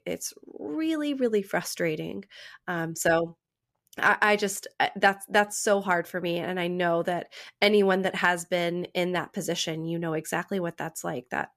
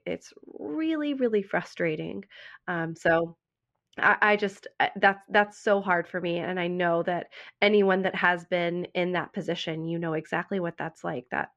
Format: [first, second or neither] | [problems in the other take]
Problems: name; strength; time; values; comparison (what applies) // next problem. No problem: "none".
first | muffled; slightly; fading above 2.5 kHz